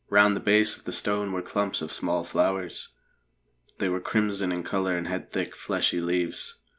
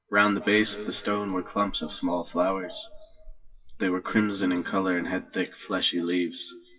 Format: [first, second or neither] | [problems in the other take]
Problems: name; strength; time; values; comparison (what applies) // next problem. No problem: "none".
first | noise reduction (classical method WPE with log-MMSE)